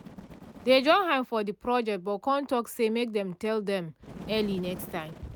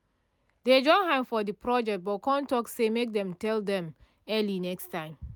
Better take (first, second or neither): second